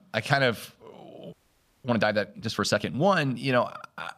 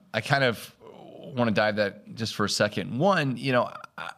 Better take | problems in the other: second | audio freezing; at 1.5 s for 0.5 s

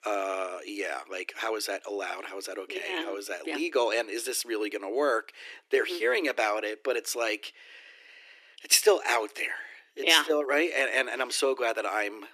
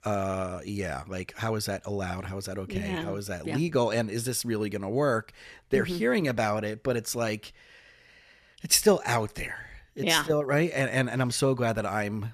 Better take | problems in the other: second | thin; very; fading below 300 Hz

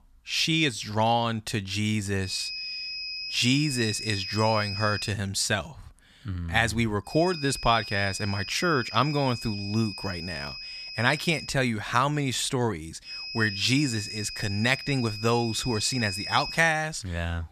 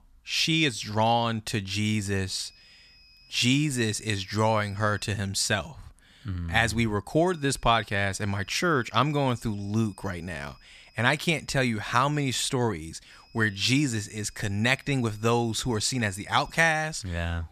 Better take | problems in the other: second | high-pitched whine; loud; from 2.5 to 5 s, from 7 to 11 s and from 13 to 17 s; 5 kHz, 8 dB below the speech; faint in the second

